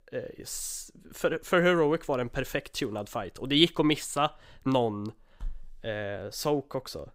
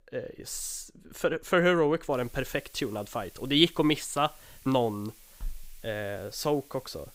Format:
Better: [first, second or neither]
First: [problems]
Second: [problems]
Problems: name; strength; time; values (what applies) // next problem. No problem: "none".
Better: first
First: none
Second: hiss; faint; from 2 s on; 25 dB below the speech